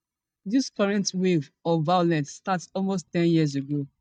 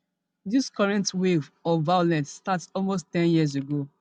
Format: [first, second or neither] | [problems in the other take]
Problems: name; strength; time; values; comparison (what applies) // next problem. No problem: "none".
second | noise reduction (neural mask model DeepFilterNet 3)